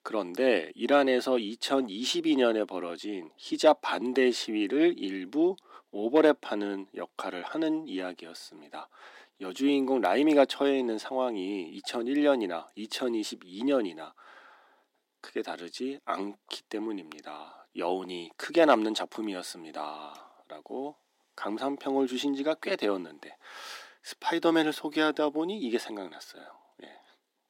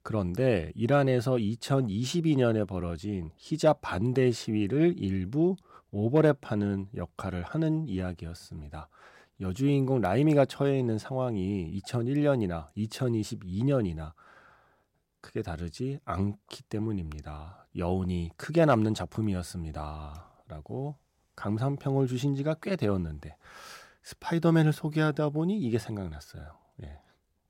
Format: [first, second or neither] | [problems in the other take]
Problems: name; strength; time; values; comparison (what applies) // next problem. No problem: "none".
second | thin; very slightly; fading below 250 Hz